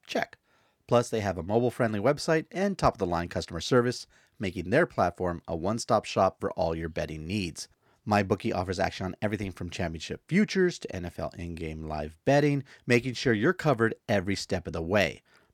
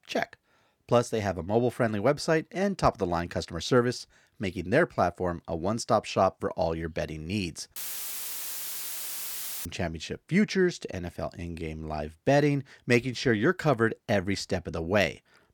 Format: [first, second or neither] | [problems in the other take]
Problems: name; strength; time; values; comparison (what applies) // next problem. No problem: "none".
first | audio cutting out; filled with static; at 8 s for 2 s